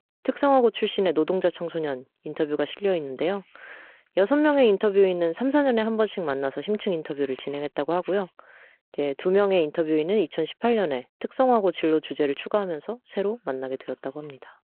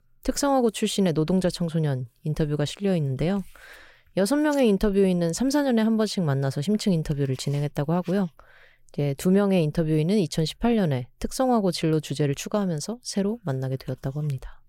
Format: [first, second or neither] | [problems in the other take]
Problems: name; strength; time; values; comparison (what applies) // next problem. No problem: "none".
second | phone-call audio